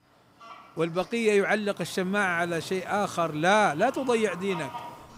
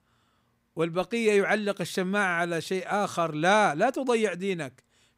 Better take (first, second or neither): second